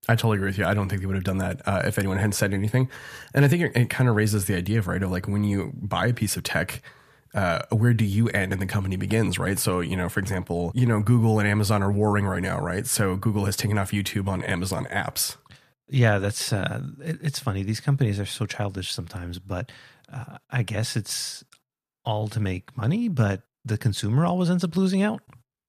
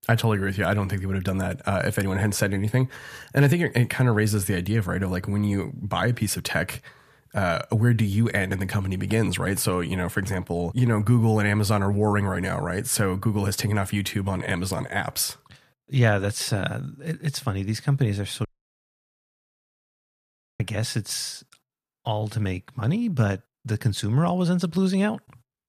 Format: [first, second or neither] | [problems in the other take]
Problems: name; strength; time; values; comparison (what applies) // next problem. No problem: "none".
first | audio cutting out; at 18 s for 2 s